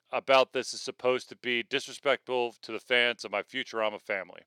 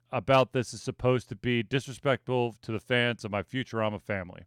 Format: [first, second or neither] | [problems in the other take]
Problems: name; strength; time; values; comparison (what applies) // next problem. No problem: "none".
second | thin; somewhat; fading below 450 Hz